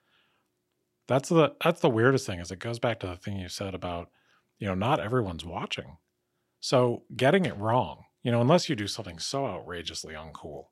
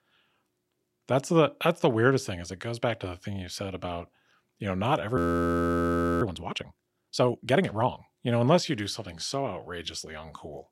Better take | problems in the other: first | audio freezing; at 5 s for 1 s

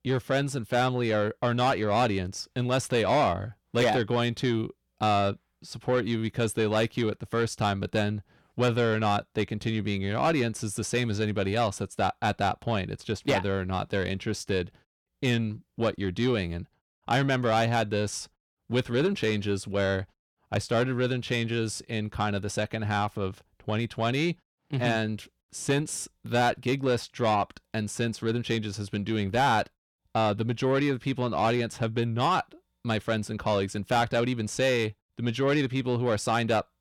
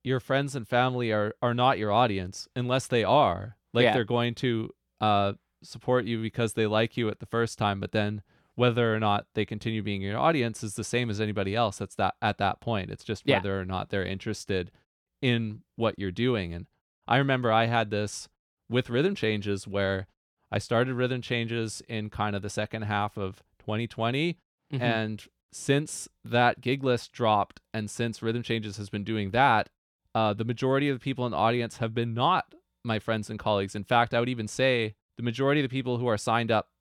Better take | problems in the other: second | distortion; slight; 10 dB below the speech

